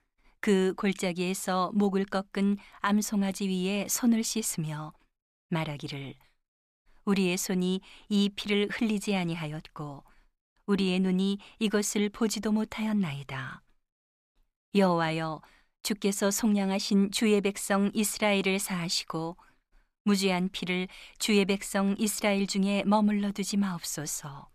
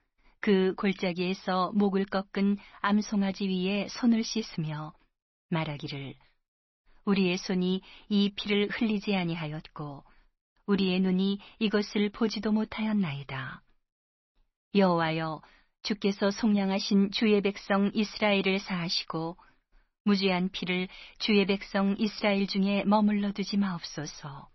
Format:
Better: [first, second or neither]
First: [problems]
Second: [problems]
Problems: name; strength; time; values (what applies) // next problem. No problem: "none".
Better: first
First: none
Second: garbled, watery; slightly; nothing above 6 kHz